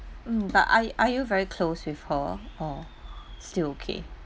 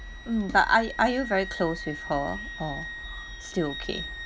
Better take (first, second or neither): first